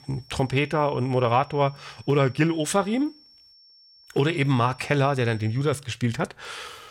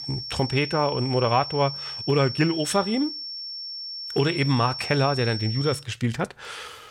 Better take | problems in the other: first | high-pitched whine; loud; until 6 s; 5.5 kHz, 7 dB below the speech; faint in the first

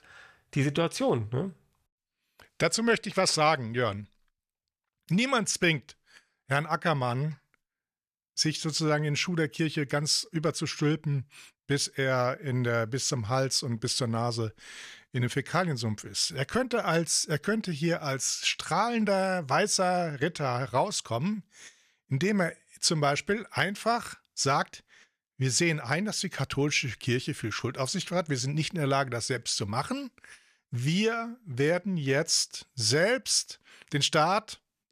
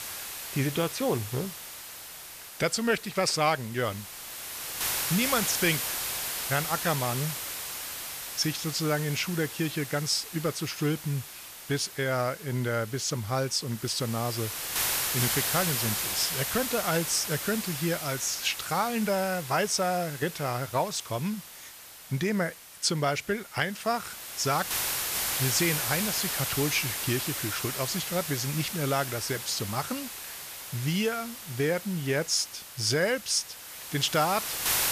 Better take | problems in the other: first | hiss; loud; throughout; 3 dB below the speech

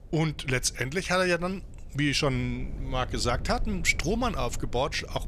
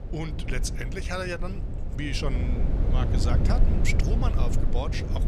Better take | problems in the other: first | low rumble; loud; throughout; 5 dB below the speech; faint in the first

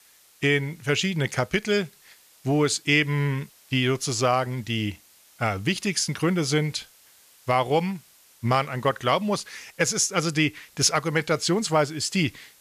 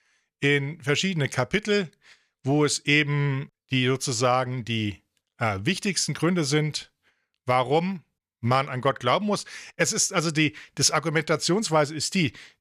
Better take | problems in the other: second | hiss; faint; throughout; 30 dB below the speech

